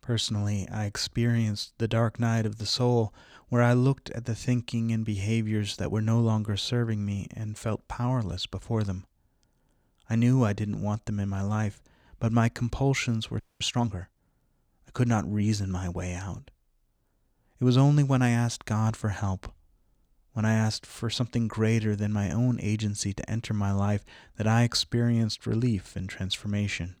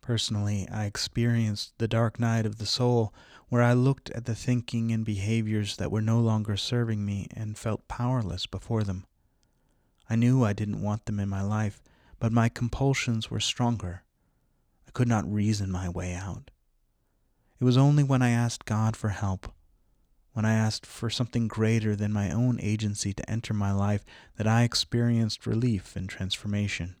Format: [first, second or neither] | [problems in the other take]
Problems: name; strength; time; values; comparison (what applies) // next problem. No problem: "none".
second | audio freezing; at 13 s